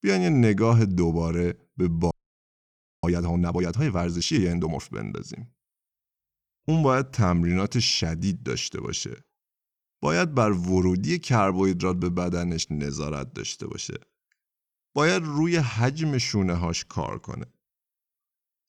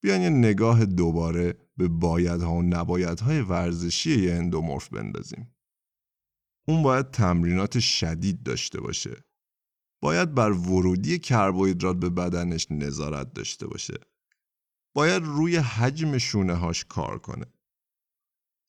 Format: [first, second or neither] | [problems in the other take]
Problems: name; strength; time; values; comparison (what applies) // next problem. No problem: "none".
second | audio freezing; at 2 s for 1 s